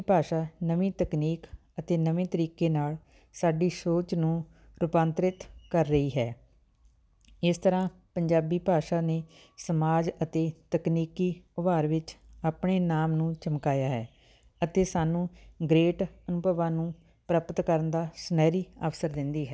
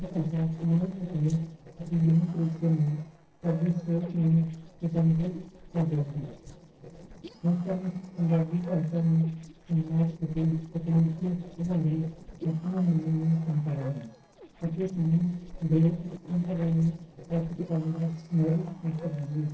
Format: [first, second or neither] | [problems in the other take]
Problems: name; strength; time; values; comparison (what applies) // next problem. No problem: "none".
first | noise reduction (neural separator model SepFormer DNS4)